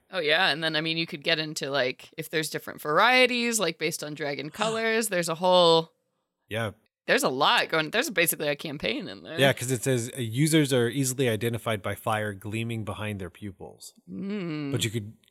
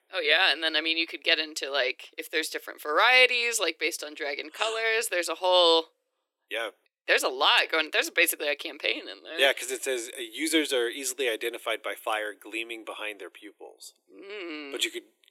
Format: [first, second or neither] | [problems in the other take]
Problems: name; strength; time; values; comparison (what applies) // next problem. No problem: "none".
first | thin; very; fading below 300 Hz